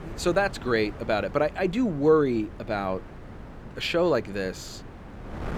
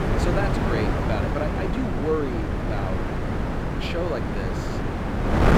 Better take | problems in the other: first | wind noise on the microphone; heavy; 1 dB above the speech; occasional gusts in the first

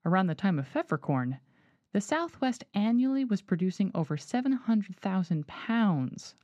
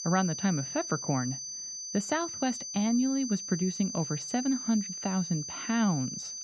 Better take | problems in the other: first | high-pitched whine; loud; throughout; 6 kHz, 5 dB below the speech

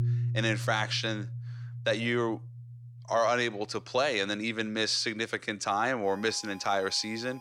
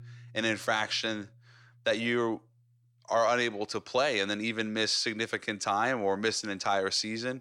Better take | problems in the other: second | background music; loud; throughout; 9 dB below the speech; faint in the second

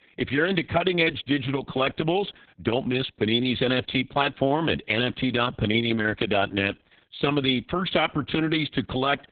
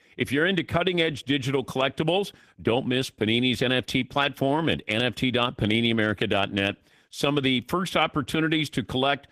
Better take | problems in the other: second | garbled, watery; badly; nothing above 3.5 kHz; slightly in the second

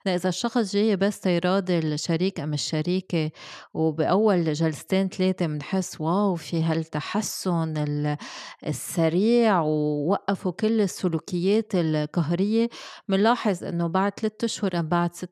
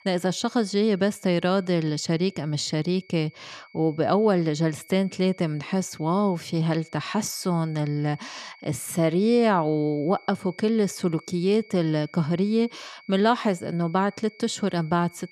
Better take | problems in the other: first | high-pitched whine; faint; throughout; 2 kHz, 25 dB below the speech

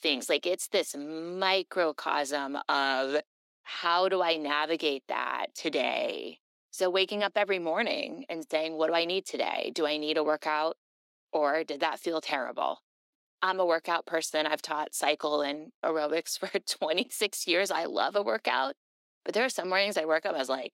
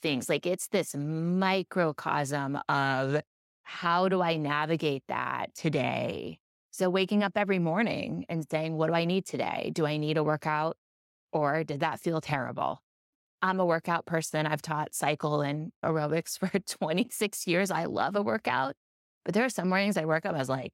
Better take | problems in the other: second | thin; somewhat; fading below 250 Hz

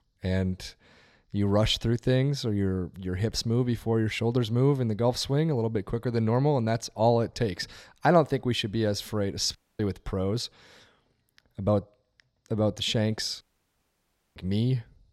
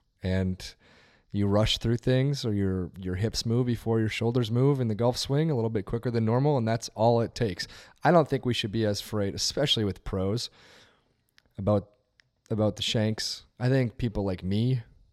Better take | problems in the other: second | audio cutting out; at 9.5 s and at 13 s for 1 s

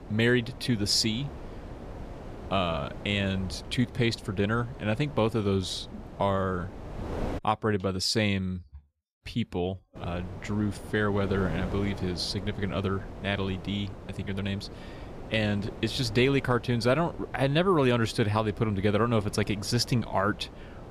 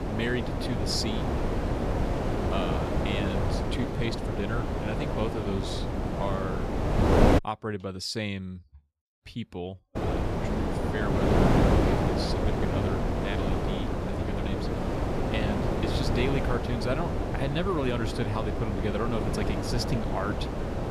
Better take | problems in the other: first | wind noise on the microphone; heavy; until 7.5 s and from 10 s on; 3 dB above the speech; occasional gusts in the first

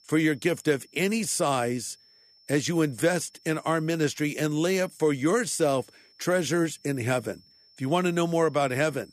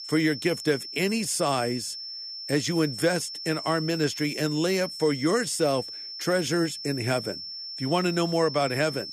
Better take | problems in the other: first | high-pitched whine; loud; throughout; 5.5 kHz, 8 dB below the speech; faint in the first

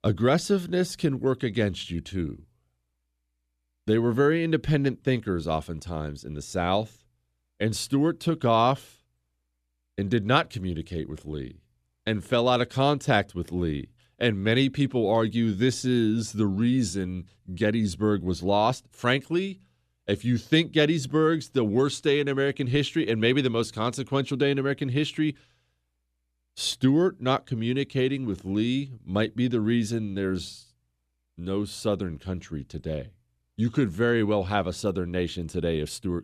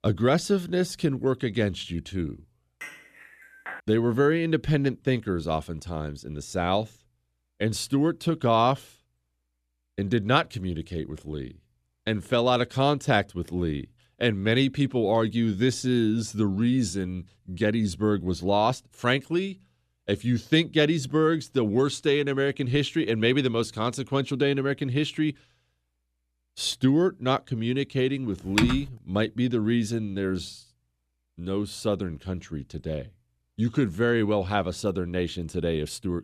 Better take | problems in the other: first | clattering dishes; faint; at 3 s; peak 15 dB below the speech // keyboard typing; loud; at 29 s; peak 1 dB above the speech

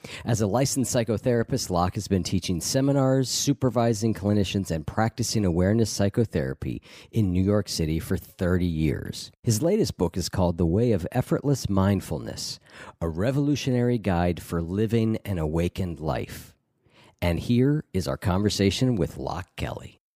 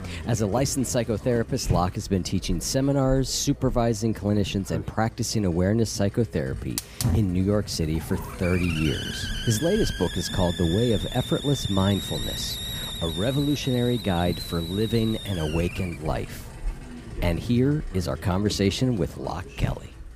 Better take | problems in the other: first | hiss; loud; throughout; 8 dB below the speech

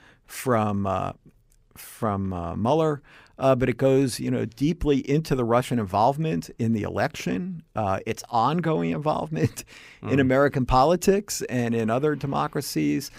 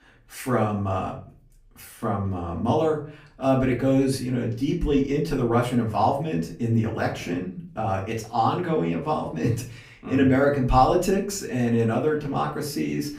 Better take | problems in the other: first | off-mic speech; far // room echo; slight; dies away in 0.3 s

